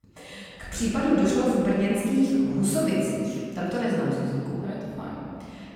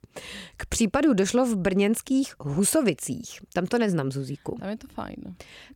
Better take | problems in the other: second | room echo; strong; dies away in 2.3 s // off-mic speech; far

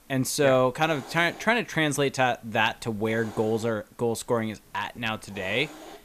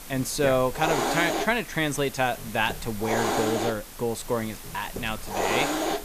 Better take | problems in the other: first | hiss; loud; throughout; 3 dB below the speech; faint in the first

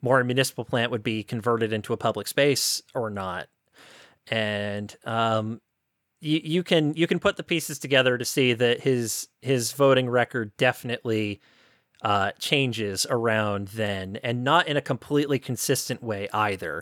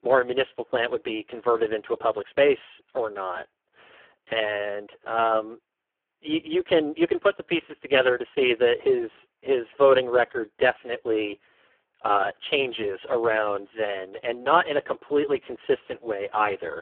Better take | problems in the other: first | phone-call audio; poor line; nothing above 3 kHz

